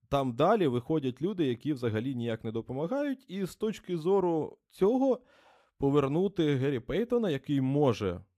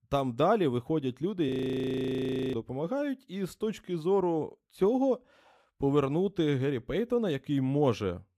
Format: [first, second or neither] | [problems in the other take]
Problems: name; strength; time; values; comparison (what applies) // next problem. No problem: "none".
first | audio freezing; at 1.5 s for 1 s